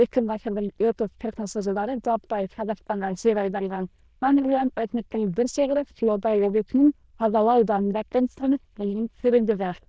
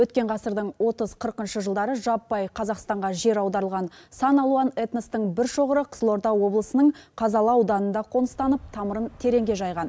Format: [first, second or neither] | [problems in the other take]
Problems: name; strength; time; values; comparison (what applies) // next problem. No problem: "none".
second | noise reduction (neural diffusion model UNIVERSE++)